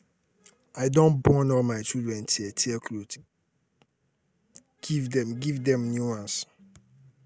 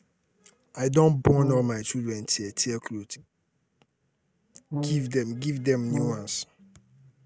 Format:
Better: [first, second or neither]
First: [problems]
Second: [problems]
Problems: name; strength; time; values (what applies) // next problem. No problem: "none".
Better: first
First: none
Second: background sound (Brass instrument); 5 dB below the speech